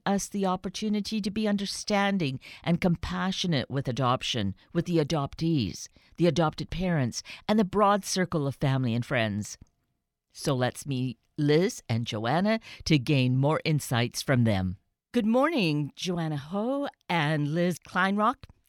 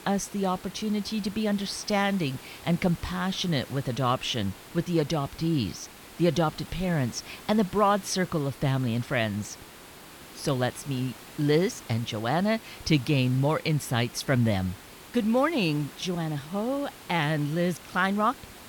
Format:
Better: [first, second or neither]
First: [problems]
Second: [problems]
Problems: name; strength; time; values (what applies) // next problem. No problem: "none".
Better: first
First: none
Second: hiss; noticeable; throughout; 15 dB below the speech